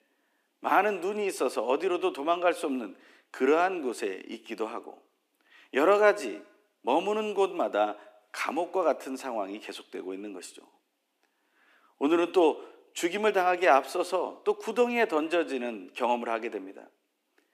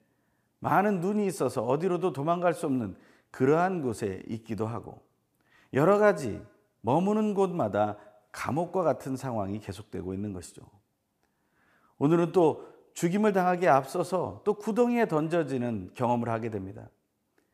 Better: second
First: thin; somewhat; fading below 250 Hz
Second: none

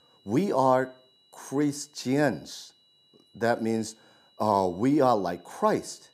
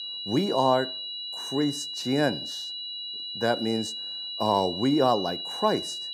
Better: first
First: high-pitched whine; faint; throughout; 4 kHz, 35 dB below the speech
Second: high-pitched whine; loud; throughout; 4 kHz, 6 dB below the speech

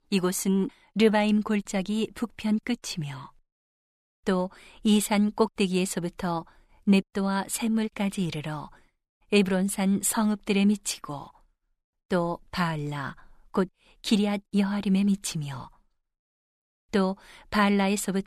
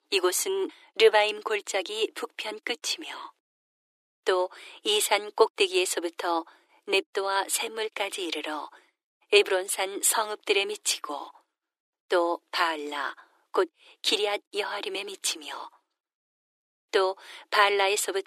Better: first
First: none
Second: thin; very; fading below 300 Hz

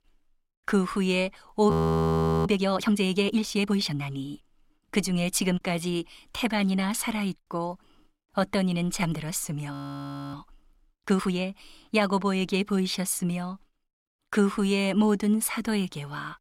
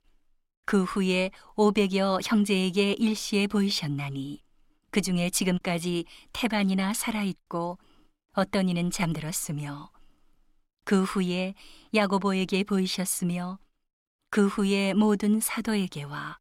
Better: second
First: audio freezing; at 1.5 s for 1 s and at 9.5 s for 0.5 s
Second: none

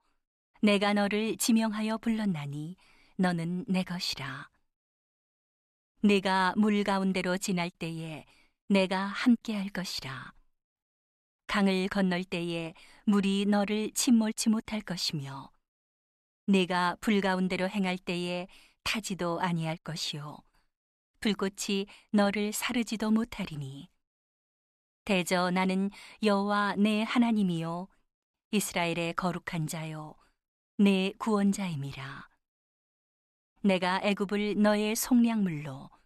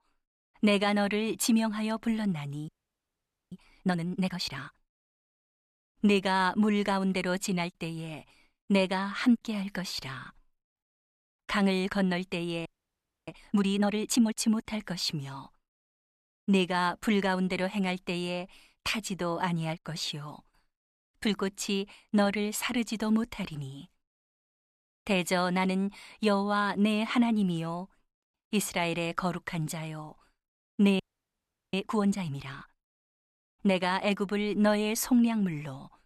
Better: first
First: none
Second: audio freezing; at 2.5 s for 1 s, at 13 s for 0.5 s and at 31 s for 0.5 s

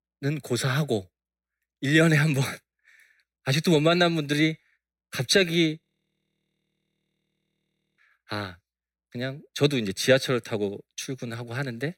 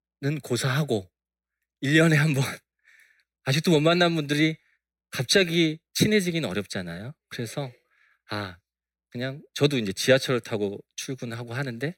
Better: second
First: audio freezing; at 6 s for 2 s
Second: none

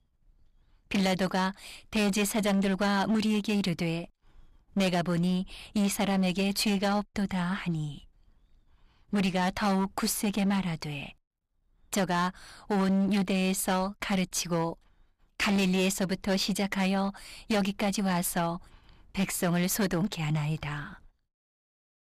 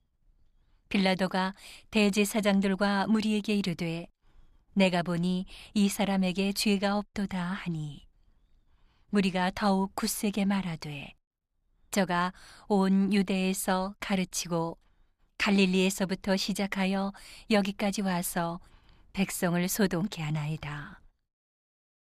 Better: second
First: distortion; slight; 13% of the sound clipped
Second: none

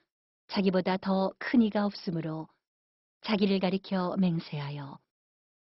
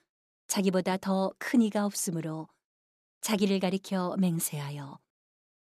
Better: second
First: garbled, watery; badly; nothing above 5.5 kHz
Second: none

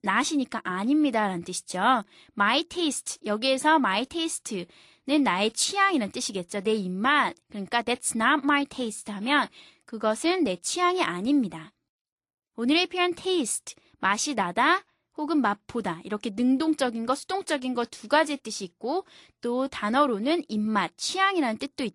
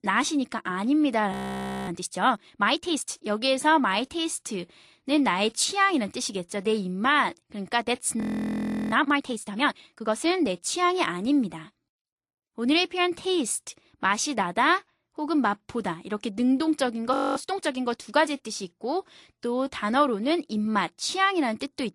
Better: first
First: none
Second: audio freezing; at 1.5 s for 0.5 s, at 8 s for 0.5 s and at 17 s

